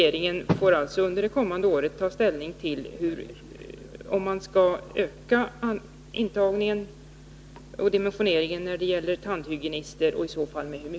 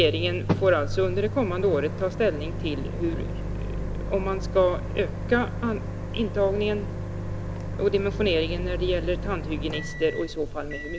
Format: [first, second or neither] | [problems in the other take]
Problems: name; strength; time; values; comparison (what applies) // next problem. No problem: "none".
first | background sound (Microwave oven); 4 dB below the speech